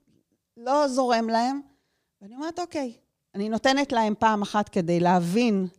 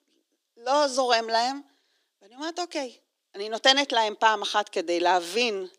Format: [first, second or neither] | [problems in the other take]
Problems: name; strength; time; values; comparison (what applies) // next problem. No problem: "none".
first | thin; somewhat; fading below 300 Hz